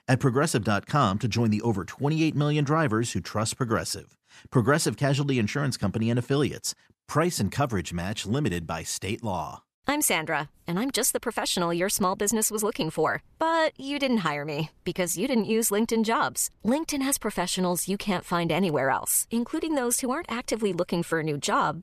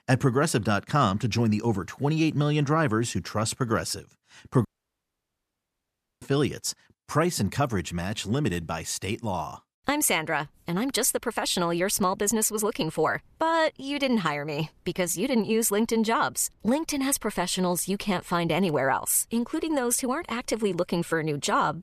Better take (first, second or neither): first